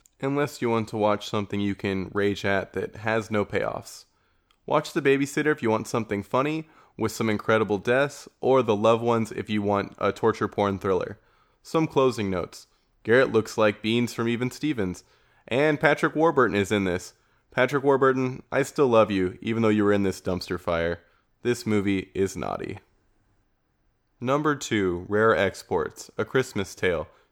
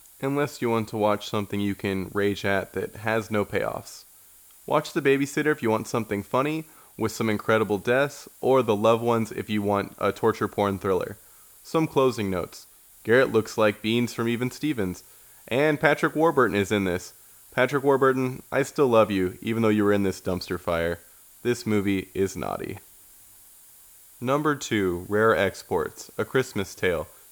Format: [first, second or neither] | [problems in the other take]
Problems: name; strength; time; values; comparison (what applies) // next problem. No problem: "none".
first | hiss; faint; throughout; 25 dB below the speech